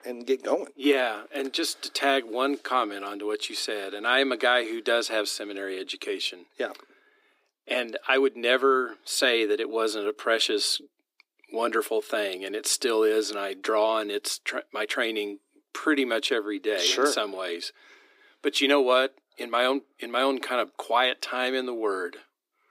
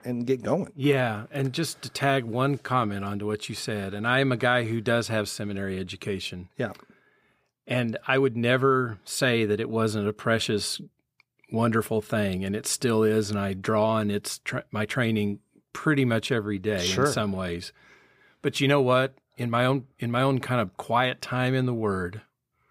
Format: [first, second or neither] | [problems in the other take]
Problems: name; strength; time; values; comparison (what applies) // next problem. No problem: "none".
second | thin; somewhat; fading below 300 Hz